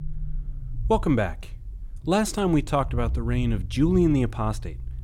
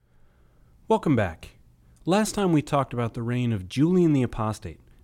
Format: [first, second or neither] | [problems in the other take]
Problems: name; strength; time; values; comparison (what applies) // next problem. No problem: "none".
second | low rumble; faint; throughout; 25 dB below the speech